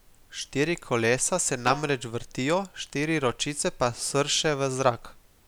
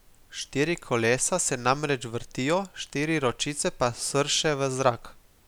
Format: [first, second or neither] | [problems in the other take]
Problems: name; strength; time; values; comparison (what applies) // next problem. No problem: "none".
second | background sound (Snare drum); 13 dB below the speech